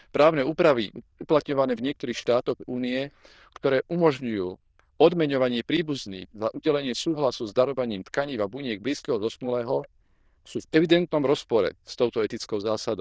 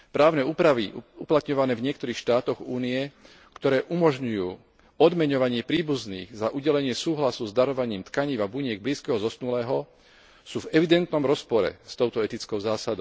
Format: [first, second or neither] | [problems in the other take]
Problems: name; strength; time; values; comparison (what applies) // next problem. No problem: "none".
second | noise reduction (neural diffusion model UNIVERSE++)